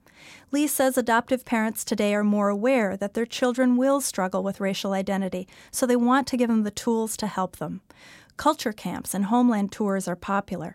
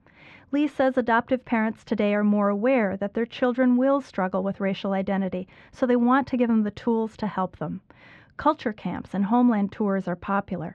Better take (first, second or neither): first